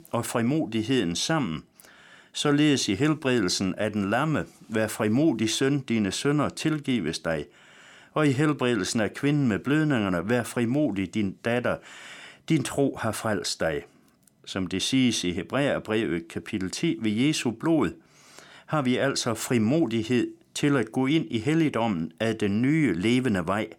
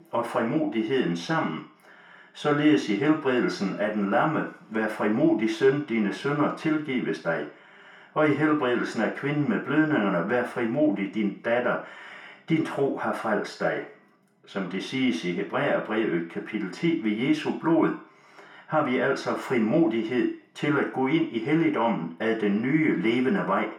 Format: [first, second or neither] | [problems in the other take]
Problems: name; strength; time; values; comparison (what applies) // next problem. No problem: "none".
first | room echo; slight; dies away in 0.5 s // off-mic speech; far